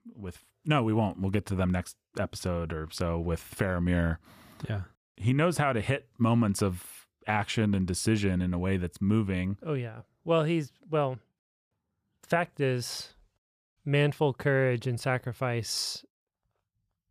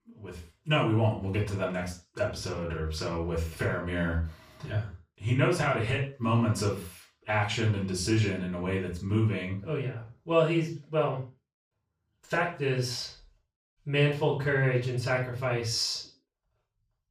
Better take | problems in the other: first | room echo; noticeable; dies away in 0.3 s // off-mic speech; far

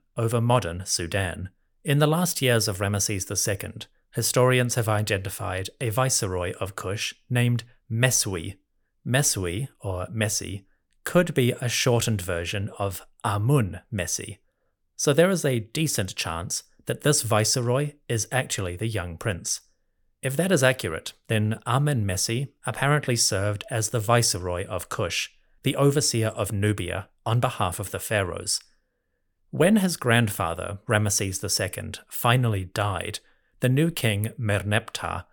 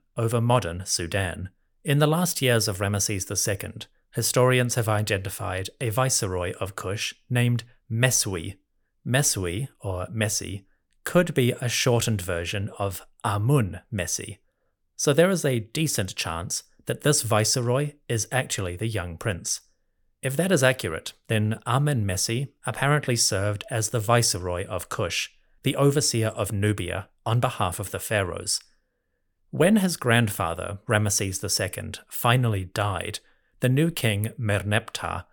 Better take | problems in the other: neither | none

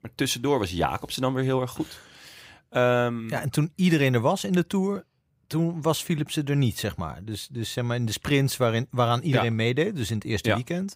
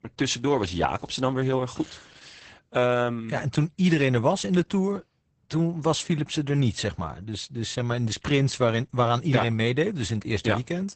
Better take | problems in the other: first | garbled, watery; badly; nothing above 8 kHz

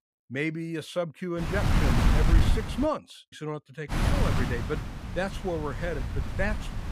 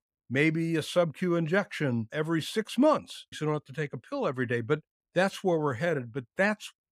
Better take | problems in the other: second | wind noise on the microphone; heavy; from 1.5 to 3 s and from 4 s on; 2 dB below the speech

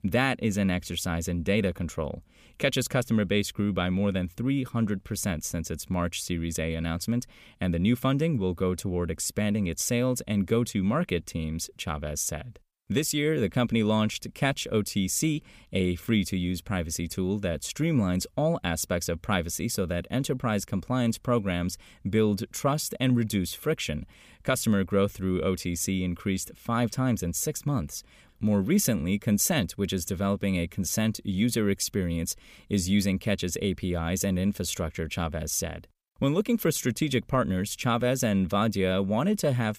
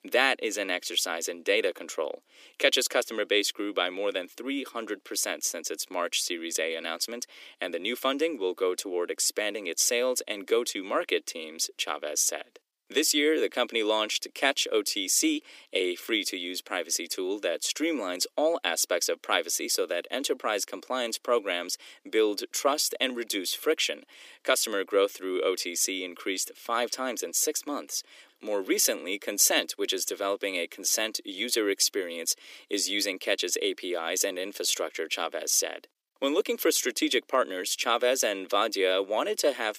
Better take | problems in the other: first | thin; very; fading below 300 Hz

